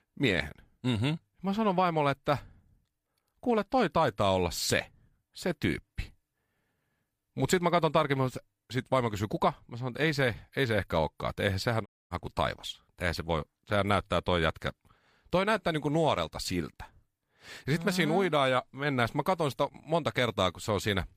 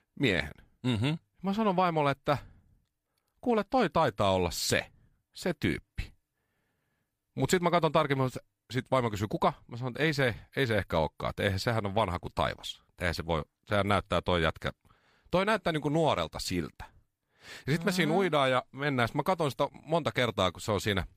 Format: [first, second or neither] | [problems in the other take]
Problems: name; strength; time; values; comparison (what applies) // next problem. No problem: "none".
second | audio cutting out; at 12 s